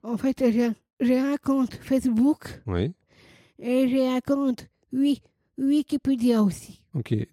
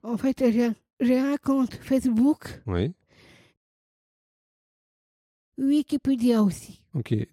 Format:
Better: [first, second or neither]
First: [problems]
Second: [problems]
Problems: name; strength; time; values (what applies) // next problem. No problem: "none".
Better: first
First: none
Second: audio cutting out; at 3.5 s for 2 s